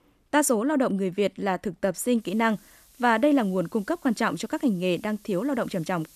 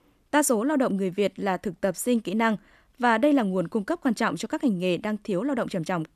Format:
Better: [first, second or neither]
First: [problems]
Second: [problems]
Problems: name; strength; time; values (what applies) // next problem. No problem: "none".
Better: second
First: hiss; faint; from 2 s on; 30 dB below the speech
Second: none